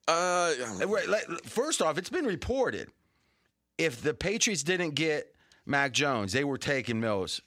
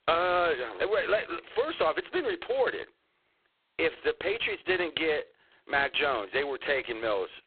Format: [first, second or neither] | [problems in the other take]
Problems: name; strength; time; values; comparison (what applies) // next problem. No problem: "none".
first | phone-call audio; poor line; nothing above 4 kHz